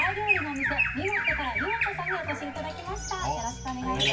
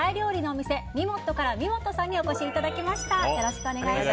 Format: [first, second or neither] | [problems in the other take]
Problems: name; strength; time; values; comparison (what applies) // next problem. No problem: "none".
second | background sound (Bird vocalization, bird call, bird song); 1 dB above the speech // room echo; dies away in 0.1 s